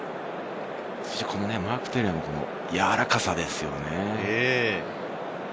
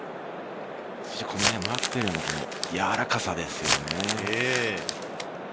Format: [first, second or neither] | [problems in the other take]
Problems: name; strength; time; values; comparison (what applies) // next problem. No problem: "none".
first | background sound (Crumpling, crinkling); 1 dB below the speech